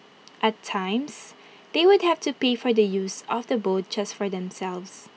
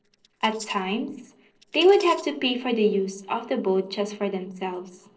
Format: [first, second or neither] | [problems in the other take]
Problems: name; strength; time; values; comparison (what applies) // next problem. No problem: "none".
first | noise reduction (neural separator model SepFormer DNS4)